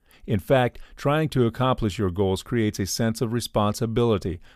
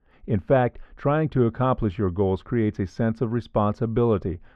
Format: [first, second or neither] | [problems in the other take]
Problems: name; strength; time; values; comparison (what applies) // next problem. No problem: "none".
first | muffled; very; fading above 1.5 kHz